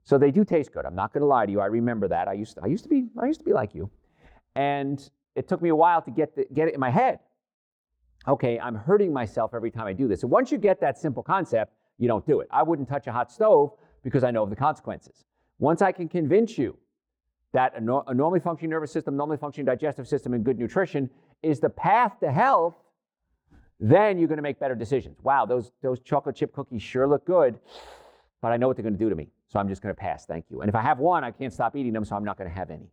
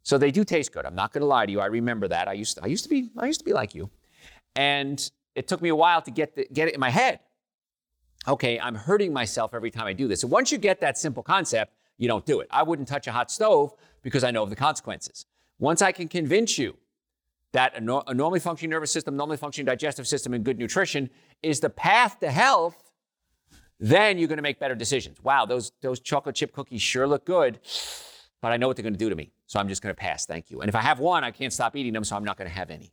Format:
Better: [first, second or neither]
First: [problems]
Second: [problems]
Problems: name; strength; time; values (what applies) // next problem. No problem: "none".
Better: second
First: muffled; very; fading above 2 kHz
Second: none